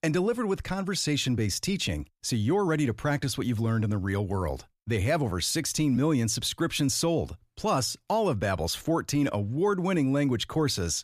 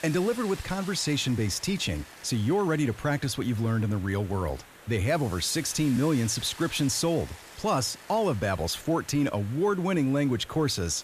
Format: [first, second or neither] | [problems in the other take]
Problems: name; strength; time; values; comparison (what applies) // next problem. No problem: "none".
first | hiss; noticeable; throughout; 20 dB below the speech